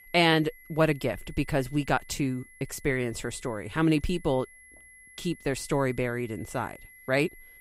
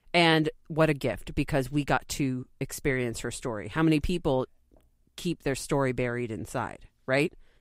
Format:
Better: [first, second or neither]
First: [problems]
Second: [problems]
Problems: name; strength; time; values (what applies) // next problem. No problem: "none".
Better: second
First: high-pitched whine; faint; throughout; 2 kHz, 20 dB below the speech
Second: none